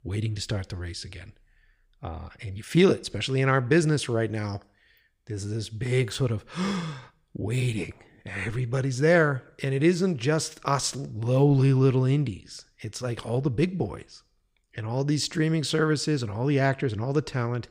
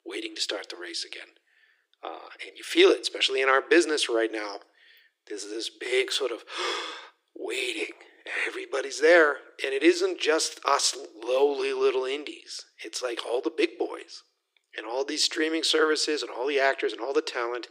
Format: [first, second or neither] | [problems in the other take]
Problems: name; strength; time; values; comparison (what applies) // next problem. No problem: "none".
first | thin; very; fading below 350 Hz